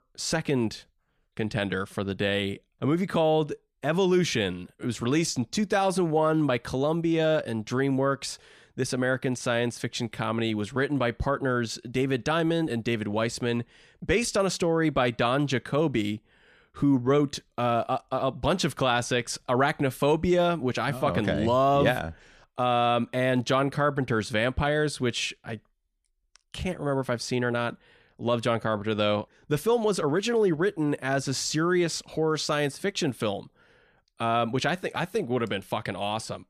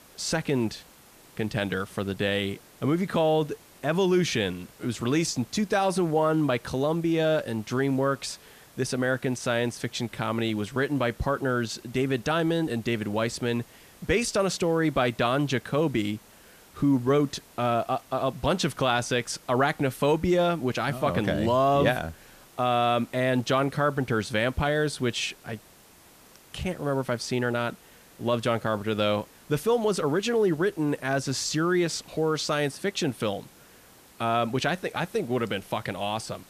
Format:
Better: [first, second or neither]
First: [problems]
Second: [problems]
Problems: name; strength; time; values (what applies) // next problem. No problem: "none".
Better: first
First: none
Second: hiss; faint; throughout; 25 dB below the speech